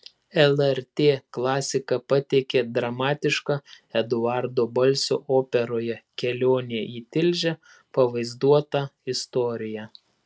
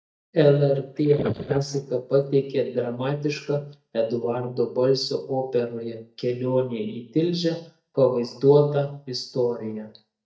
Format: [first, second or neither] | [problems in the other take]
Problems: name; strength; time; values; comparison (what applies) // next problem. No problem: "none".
first | noise reduction (neural mask model DeepFilterNet 3)